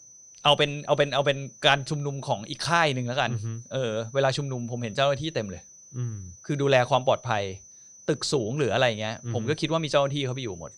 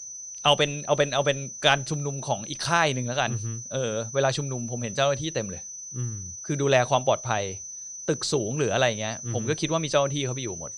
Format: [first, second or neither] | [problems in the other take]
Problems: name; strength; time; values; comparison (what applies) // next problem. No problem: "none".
first | high-pitched whine; loud; throughout; 6 kHz, 10 dB below the speech; faint in the first